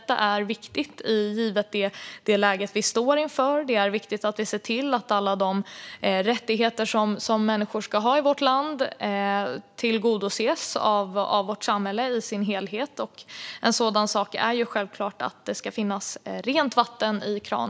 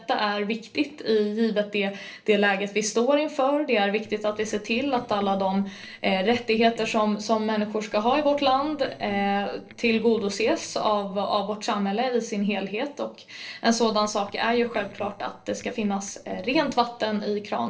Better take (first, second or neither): first